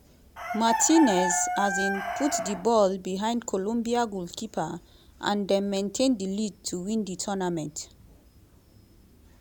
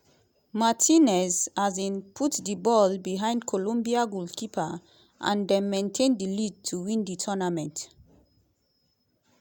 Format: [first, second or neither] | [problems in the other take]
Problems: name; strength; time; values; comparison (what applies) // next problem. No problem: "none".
second | background sound (Chicken, rooster); 8 dB below the speech